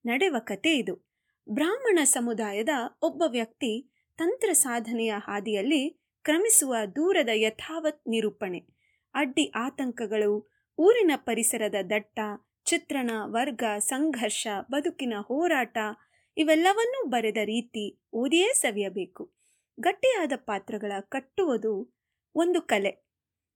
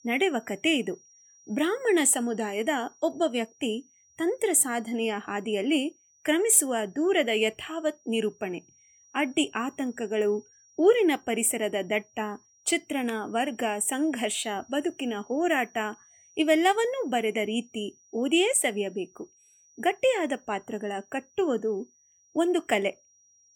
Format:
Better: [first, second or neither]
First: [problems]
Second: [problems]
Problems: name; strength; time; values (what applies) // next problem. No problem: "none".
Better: first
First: none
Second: high-pitched whine; faint; throughout; 5.5 kHz, 30 dB below the speech